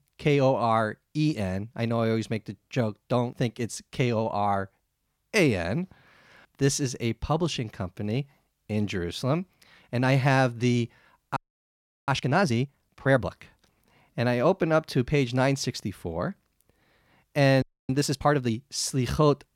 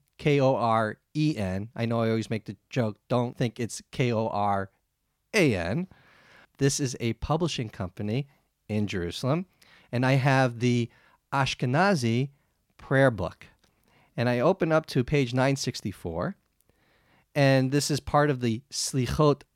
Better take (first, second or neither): second